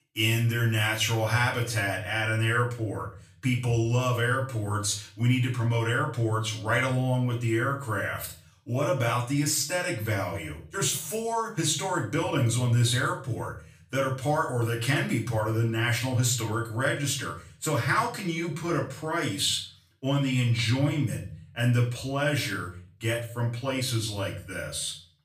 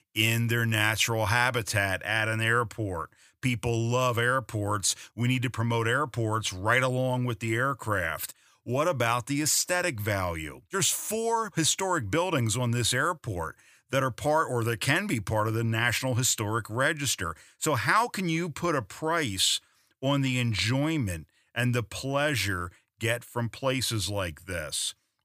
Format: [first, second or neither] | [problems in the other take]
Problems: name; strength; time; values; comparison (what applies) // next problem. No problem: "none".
second | room echo; slight; dies away in 0.4 s // off-mic speech; far